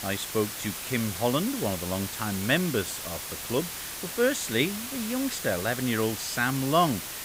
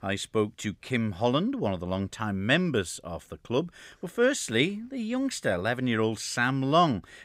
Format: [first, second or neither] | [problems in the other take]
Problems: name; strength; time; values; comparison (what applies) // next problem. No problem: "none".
second | hiss; loud; throughout; 6 dB below the speech